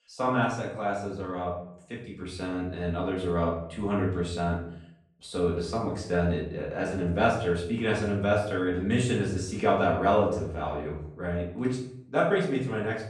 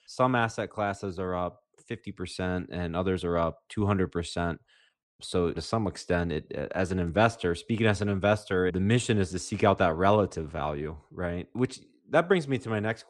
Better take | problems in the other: second | off-mic speech; far // room echo; noticeable; dies away in 0.6 s

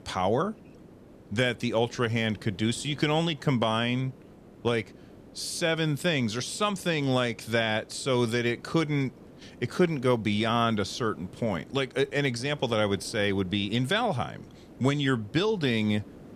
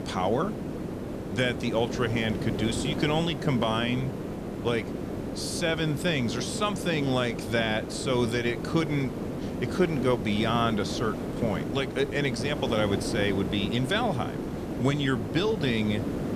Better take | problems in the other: first | hiss; loud; throughout; 5 dB below the speech; faint in the first

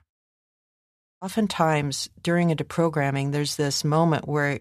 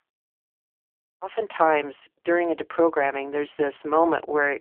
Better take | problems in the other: first | phone-call audio; poor line

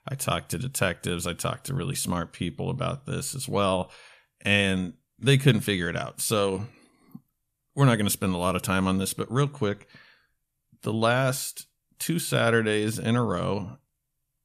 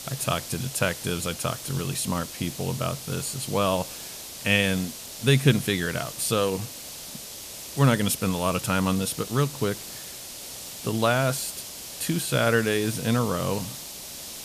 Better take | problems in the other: first | hiss; noticeable; throughout; 10 dB below the speech

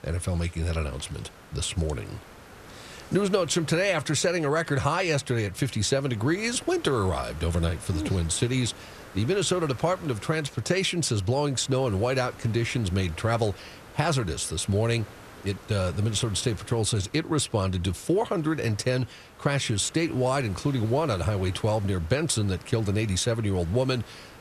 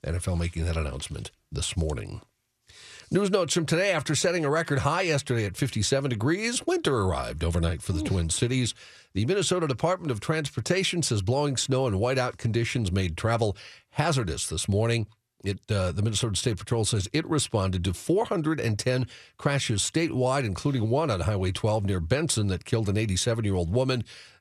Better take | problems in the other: second | hiss; faint; throughout; 20 dB below the speech

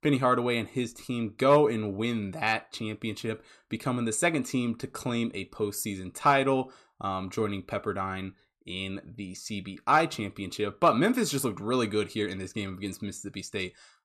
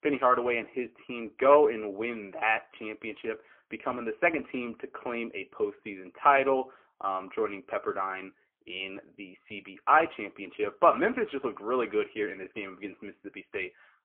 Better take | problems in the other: first | phone-call audio; poor line

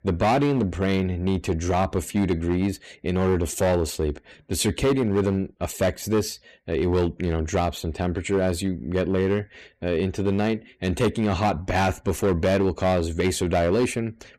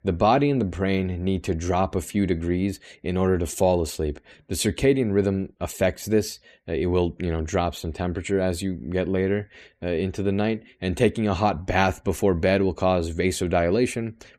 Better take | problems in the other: second | distortion; slight; 8% of the sound clipped

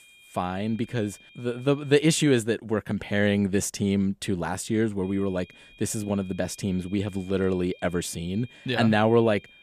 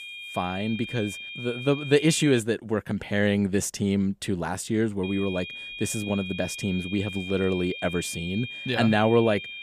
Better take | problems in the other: first | high-pitched whine; loud; until 2.5 s and from 5 s on; 2.5 kHz, 9 dB below the speech; faint in the first

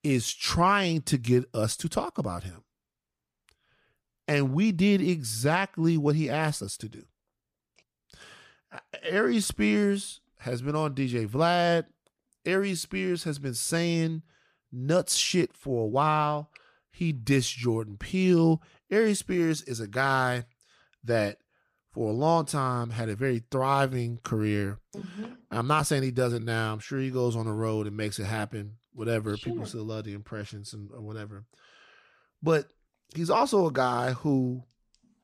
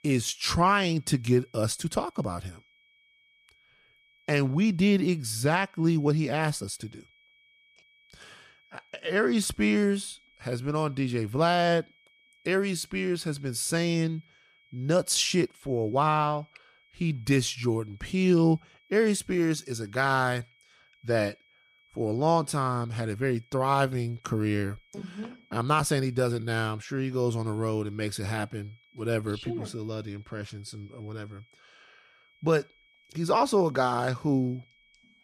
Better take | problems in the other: first | high-pitched whine; faint; throughout; 2.5 kHz, 35 dB below the speech

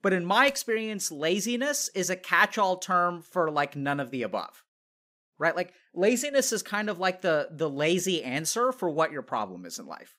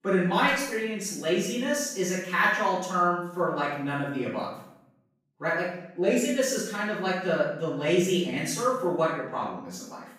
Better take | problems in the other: first | room echo; noticeable; dies away in 0.7 s // off-mic speech; far

